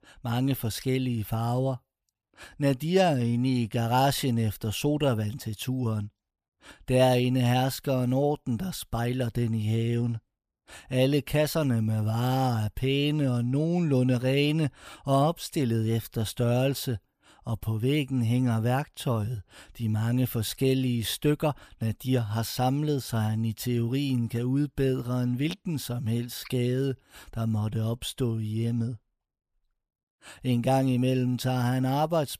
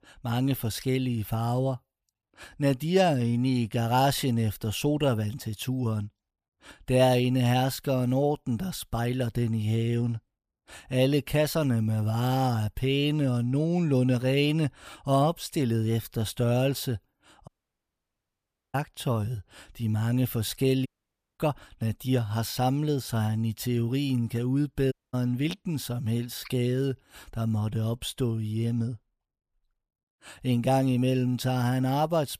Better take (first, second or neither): first